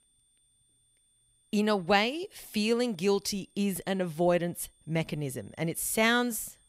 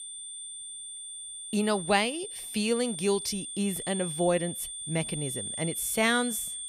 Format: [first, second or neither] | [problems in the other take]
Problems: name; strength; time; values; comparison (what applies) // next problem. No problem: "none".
first | high-pitched whine; loud; throughout; 9 kHz, 6 dB below the speech; faint in the first